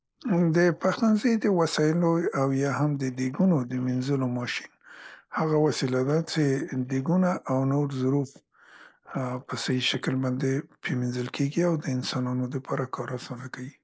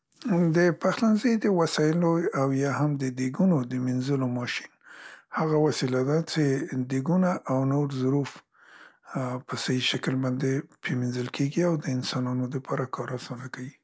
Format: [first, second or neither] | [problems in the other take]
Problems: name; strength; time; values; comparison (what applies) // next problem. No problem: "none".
second | noise reduction (neural mask model Resemble Enhance denoiser)